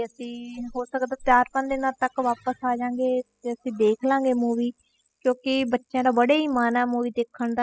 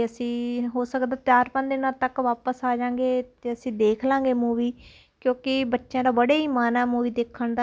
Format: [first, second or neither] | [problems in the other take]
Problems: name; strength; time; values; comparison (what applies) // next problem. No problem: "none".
second | noise reduction (classical method spectral subtraction)